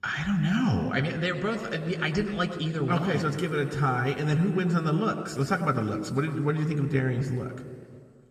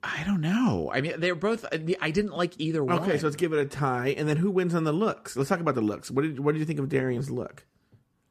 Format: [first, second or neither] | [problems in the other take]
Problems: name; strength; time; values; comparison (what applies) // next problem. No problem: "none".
second | room echo; noticeable; dies away in 2.2 s